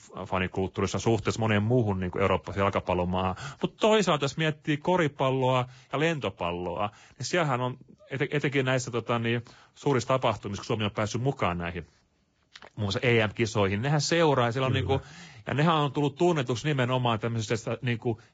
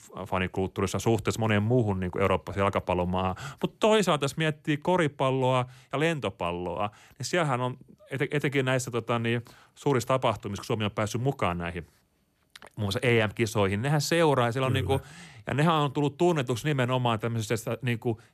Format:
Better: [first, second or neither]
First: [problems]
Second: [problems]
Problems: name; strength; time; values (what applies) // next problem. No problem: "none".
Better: second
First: garbled, watery; badly; nothing above 7.5 kHz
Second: none